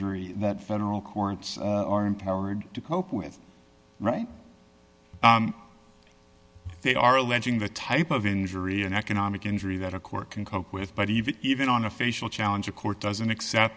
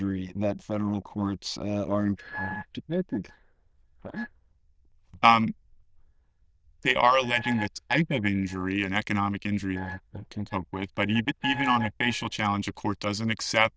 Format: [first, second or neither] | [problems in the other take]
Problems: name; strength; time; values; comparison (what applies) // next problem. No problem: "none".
first | noise reduction (neural diffusion model UNIVERSE++)